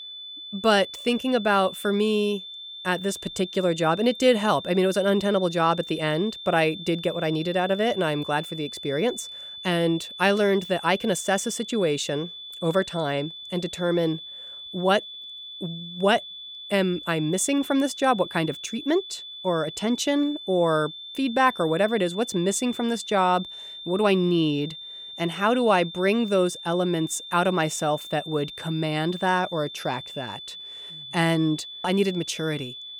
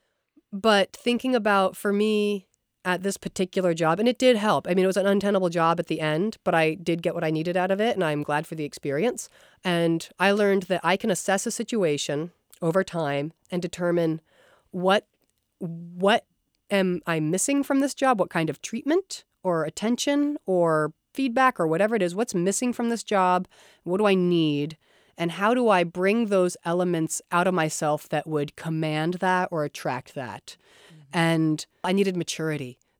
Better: second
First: high-pitched whine; noticeable; throughout; 3.5 kHz, 10 dB below the speech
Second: none

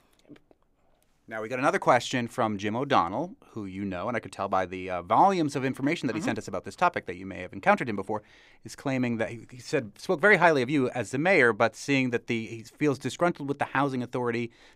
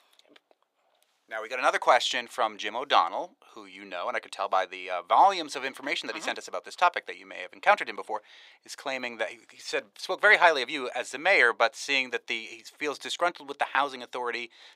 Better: first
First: none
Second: thin; very; fading below 700 Hz

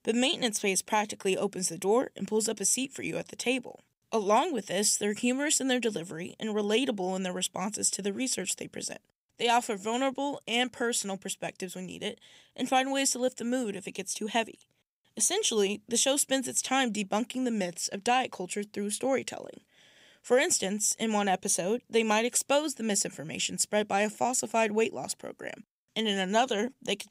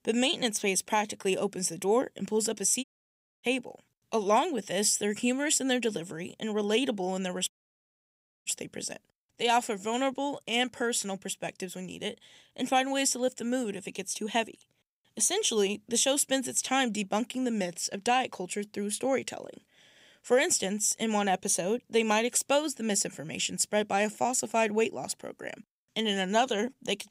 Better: first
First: none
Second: audio cutting out; at 3 s for 0.5 s and at 7.5 s for 1 s

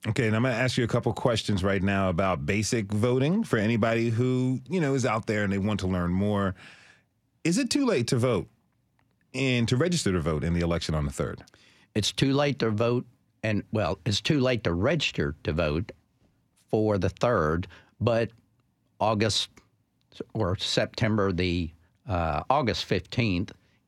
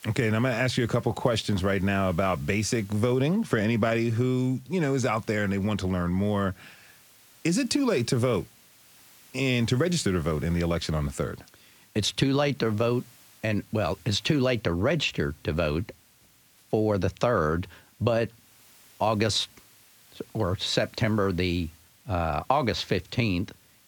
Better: first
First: none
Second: hiss; faint; throughout; 25 dB below the speech

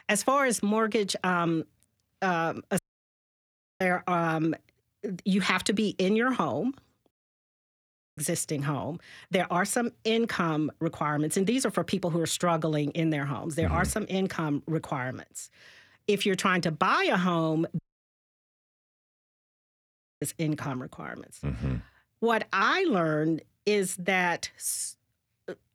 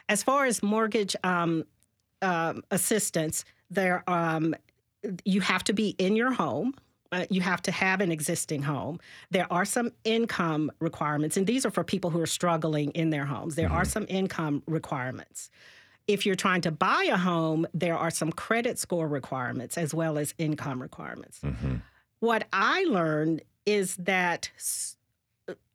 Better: second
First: audio cutting out; at 3 s for 1 s, at 7 s for 1 s and at 18 s for 2.5 s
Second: none

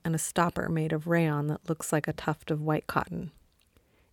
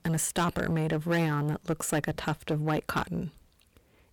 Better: first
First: none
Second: distortion; heavy; 9% of the sound clipped

